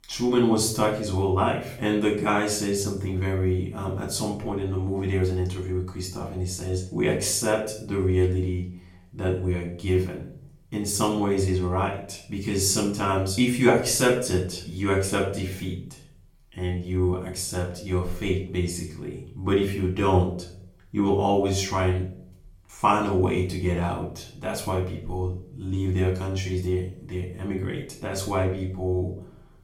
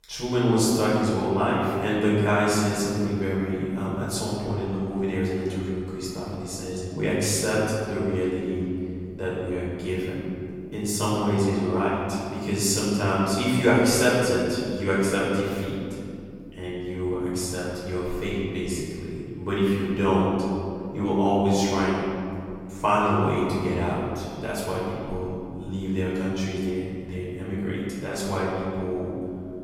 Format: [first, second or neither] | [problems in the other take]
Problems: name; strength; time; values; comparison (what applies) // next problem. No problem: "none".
first | room echo; strong; dies away in 2.5 s; slight in the first // off-mic speech; far; far in the first